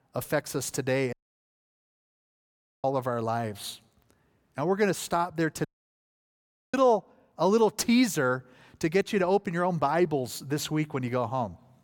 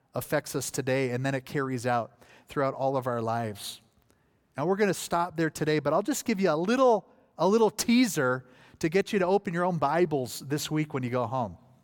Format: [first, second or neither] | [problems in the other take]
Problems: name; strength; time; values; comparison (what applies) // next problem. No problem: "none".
second | audio cutting out; at 1 s for 1.5 s and at 5.5 s for 1 s